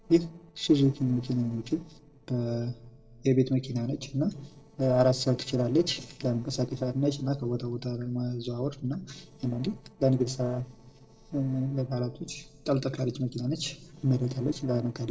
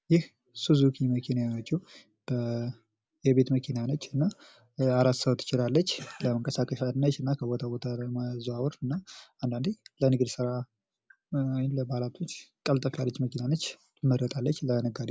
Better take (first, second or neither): second